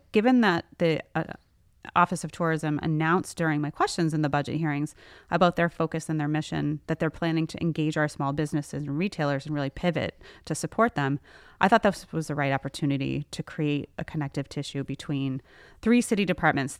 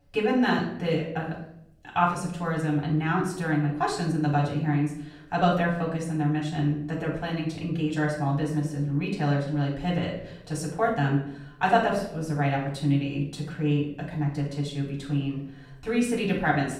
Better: first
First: none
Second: off-mic speech; far // room echo; noticeable; dies away in 0.6 s

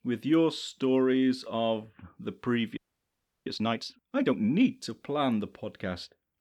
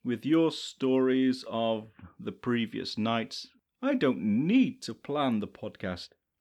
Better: second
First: audio freezing; at 3 s for 0.5 s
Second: none

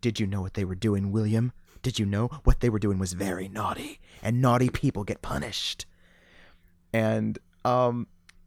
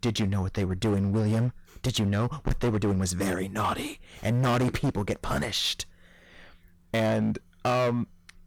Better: first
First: none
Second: distortion; heavy; 14% of the sound clipped

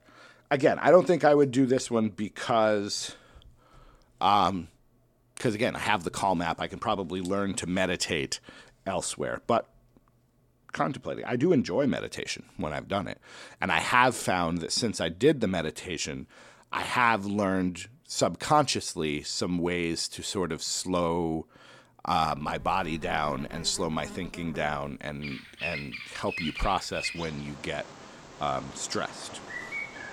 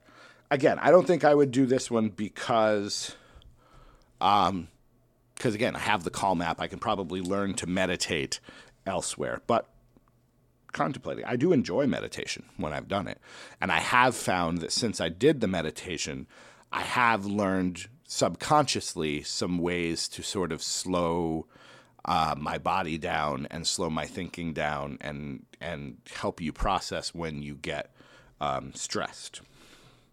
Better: second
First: animal sounds; noticeable; from 22 s on; 10 dB below the speech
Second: none

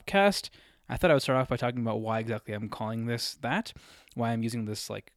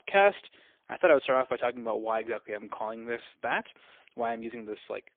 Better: first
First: none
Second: phone-call audio; poor line; nothing above 3.5 kHz

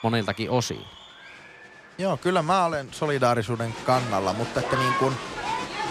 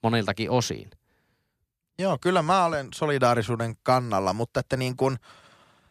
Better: second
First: crowd noise; loud; throughout; 5 dB below the speech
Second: none

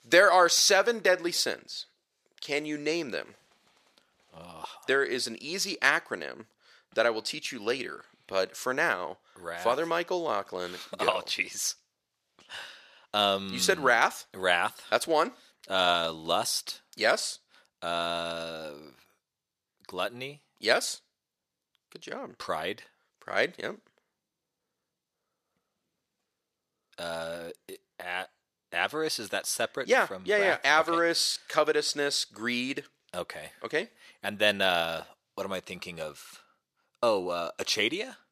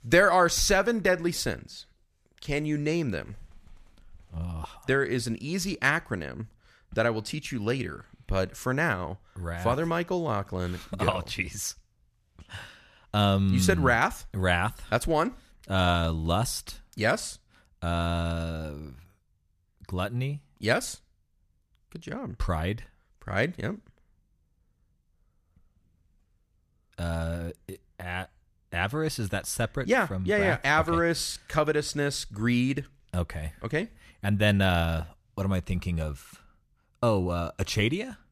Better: second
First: thin; somewhat; fading below 450 Hz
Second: none

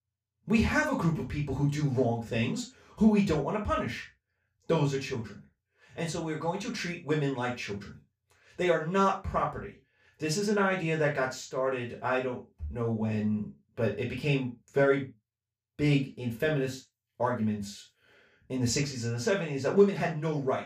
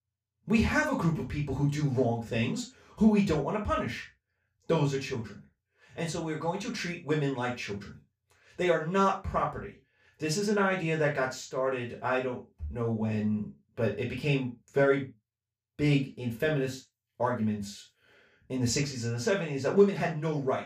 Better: neither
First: room echo; noticeable; dies away in 0.2 s // off-mic speech; far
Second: room echo; noticeable; dies away in 0.2 s // off-mic speech; far

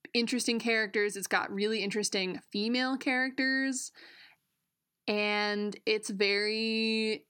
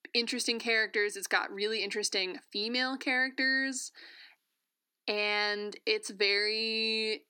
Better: first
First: none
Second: thin; very slightly; fading below 250 Hz

